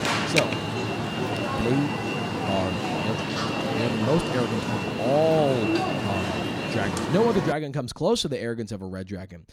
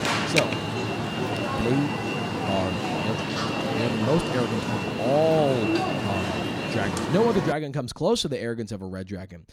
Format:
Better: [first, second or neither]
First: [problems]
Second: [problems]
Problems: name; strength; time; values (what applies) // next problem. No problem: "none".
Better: neither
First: alarm; loud; until 7.5 s; peak 5 dB above the speech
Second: alarm; loud; until 7.5 s; peak 5 dB above the speech